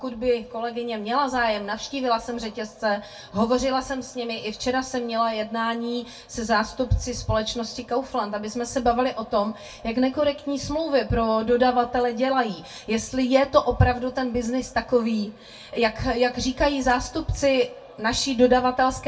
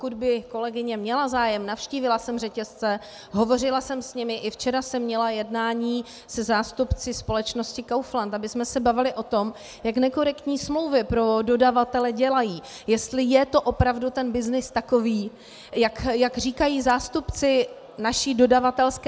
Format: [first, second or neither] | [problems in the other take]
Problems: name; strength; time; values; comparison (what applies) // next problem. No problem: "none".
second | room echo; dies away in 0.2 s